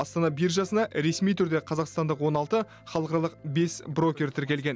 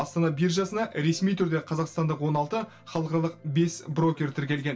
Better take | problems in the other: first | room echo; dies away in 0.2 s

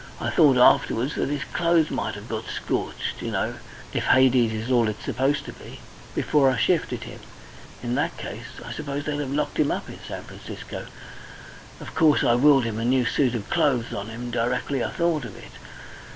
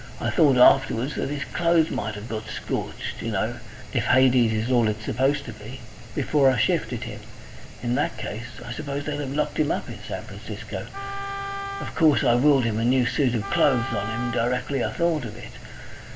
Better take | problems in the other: first | background sound (Wind instrument, woodwind instrument); 11 dB below the speech // room echo; dies away in 0.4 s

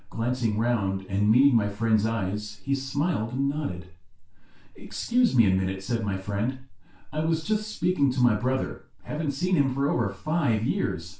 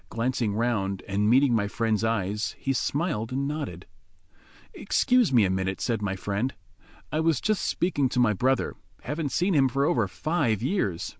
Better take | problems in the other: second | room echo; dies away in 0.3 s

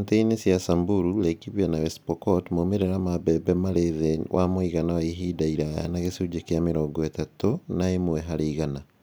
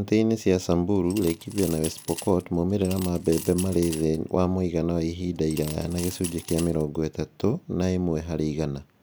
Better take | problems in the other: first | background sound (Coin (dropping) / Glass); 15 dB below the speech

